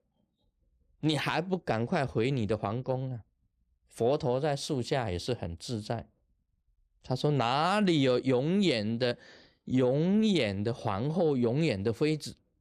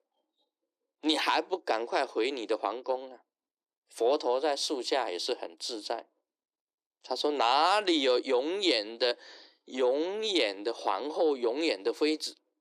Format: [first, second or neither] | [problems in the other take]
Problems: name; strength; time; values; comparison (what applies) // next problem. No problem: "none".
first | thin; very; fading below 300 Hz